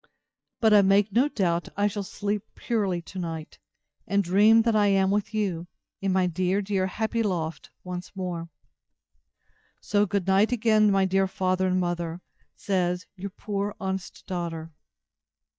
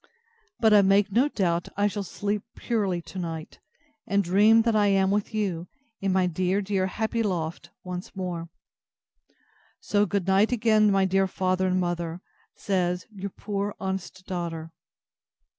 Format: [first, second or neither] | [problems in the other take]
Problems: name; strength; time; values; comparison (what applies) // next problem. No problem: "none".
second | noise reduction (neural mask model DeepFilterNet 3)